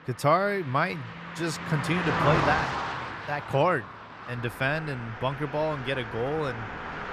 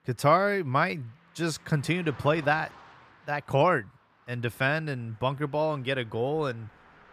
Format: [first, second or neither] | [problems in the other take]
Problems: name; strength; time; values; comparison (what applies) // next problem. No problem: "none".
second | traffic noise; loud; throughout; 4 dB below the speech; faint in the second